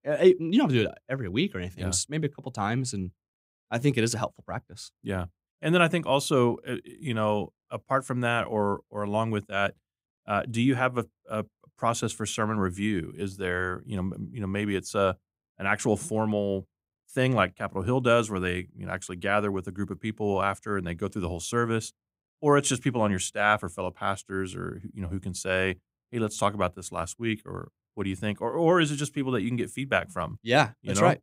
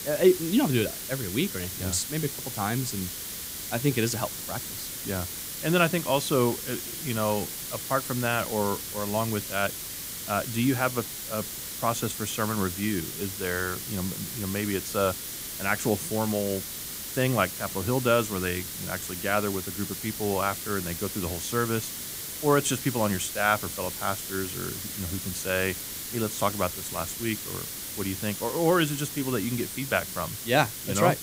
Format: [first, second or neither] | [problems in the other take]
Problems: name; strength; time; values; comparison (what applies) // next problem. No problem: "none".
first | hiss; loud; throughout; 5 dB below the speech